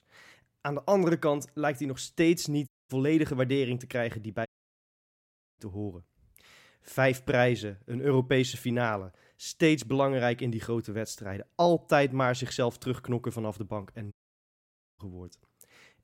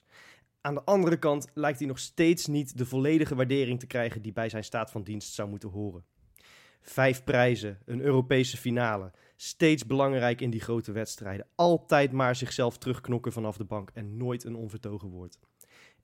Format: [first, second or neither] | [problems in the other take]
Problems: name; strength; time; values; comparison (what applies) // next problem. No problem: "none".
second | audio cutting out; at 2.5 s, at 4.5 s for 1 s and at 14 s for 1 s